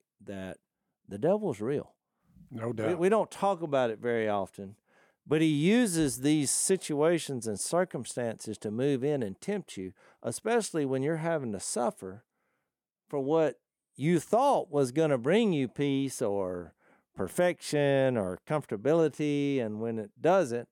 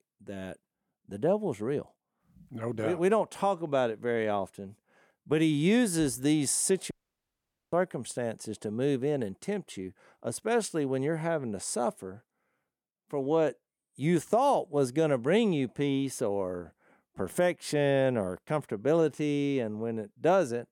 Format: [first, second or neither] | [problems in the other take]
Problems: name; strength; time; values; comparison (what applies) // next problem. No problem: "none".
first | audio cutting out; at 7 s for 1 s